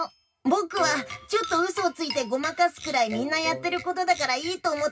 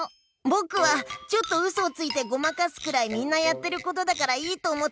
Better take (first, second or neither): second